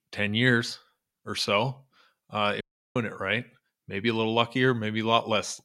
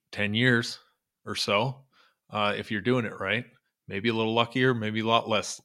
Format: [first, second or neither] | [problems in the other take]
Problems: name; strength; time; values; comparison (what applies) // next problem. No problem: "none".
second | audio cutting out; at 2.5 s